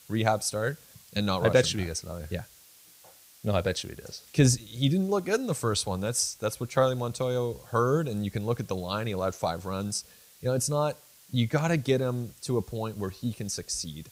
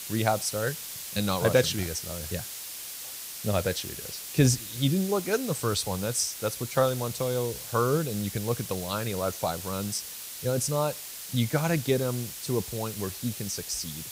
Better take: first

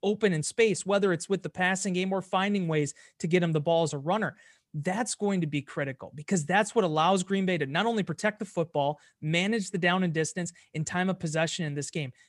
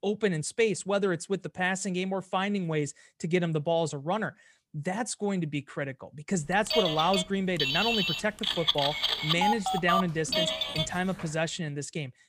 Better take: first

